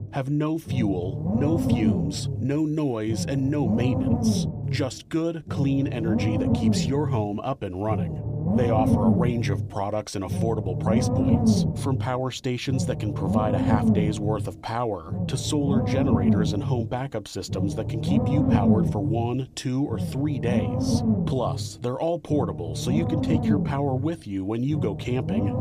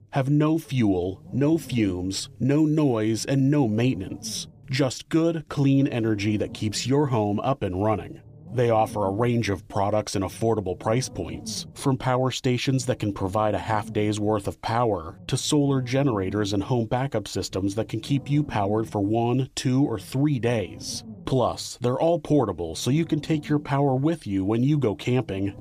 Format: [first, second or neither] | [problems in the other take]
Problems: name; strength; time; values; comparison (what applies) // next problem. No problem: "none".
second | low rumble; loud; throughout; 2 dB below the speech; faint in the second